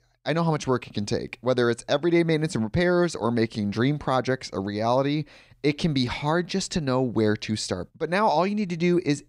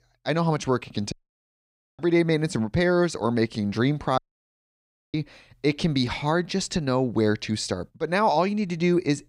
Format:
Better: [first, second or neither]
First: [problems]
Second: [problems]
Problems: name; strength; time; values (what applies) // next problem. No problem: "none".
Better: first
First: none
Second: audio cutting out; at 1 s for 1 s and at 4 s for 1 s